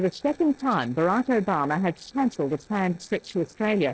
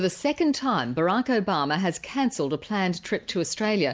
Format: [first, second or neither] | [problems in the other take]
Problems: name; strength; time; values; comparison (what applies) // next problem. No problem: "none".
second | noise reduction (neural separator model SepFormer DNS4)